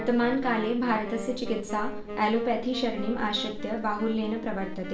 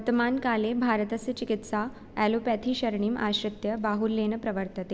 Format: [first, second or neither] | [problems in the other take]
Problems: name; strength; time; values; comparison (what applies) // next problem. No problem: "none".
second | background sound (Wind instrument, woodwind instrument); 11 dB below the speech // room echo; dies away in 0.4 s